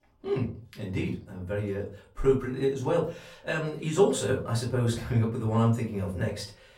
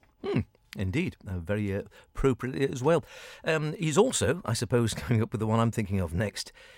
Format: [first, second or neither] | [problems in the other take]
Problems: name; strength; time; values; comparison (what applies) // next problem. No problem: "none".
second | room echo; slight; dies away in 0.3 s // off-mic speech; far